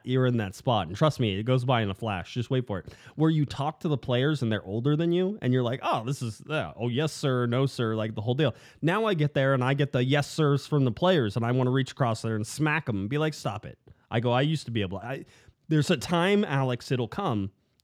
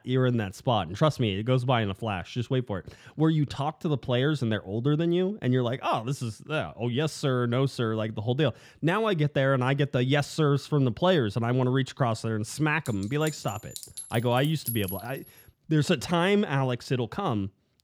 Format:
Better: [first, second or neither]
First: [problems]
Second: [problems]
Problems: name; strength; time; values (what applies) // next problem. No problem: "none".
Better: first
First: none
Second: clattering dishes; noticeable; from 13 to 15 s; peak 6 dB below the speech